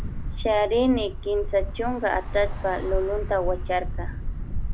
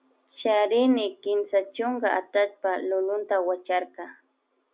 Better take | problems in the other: second | background sound (Traffic noise, roadway noise / Bus); 3 dB below the speech

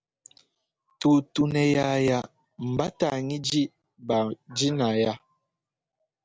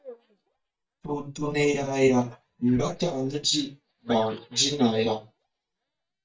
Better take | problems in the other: first | noise reduction (neural mask model DeepFilterNet 3)

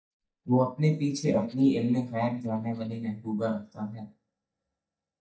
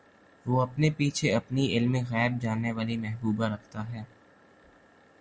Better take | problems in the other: second | noise reduction (neural mask model DeepFilterNet 3)

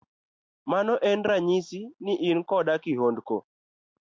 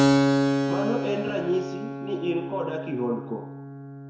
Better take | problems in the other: first | background sound (Keyboard (musical)); 4 dB above the speech // room echo; dies away in 0.9 s

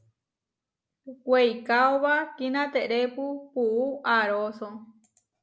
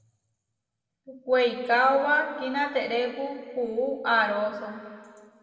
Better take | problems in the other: first | room echo; dies away in 1.9 s

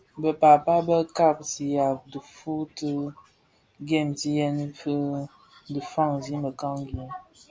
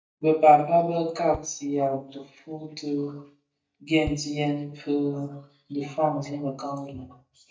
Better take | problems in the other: first | noise reduction (neural mask model DeepFilterNet 3)

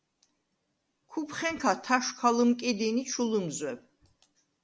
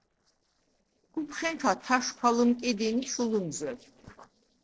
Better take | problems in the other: first | noise reduction (neural separator model SepFormer DNS4)

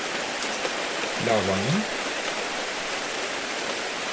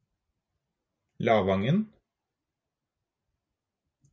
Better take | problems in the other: second | background sound (Rain); 4 dB above the speech

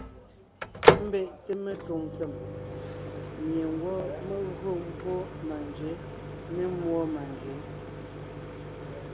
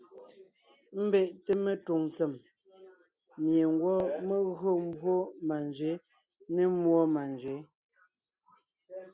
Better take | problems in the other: second | background sound (Microwave oven); 3 dB above the speech

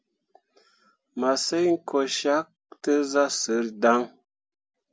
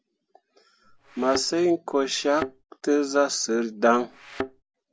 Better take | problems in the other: first | background sound (Thump, thud); 11 dB below the speech

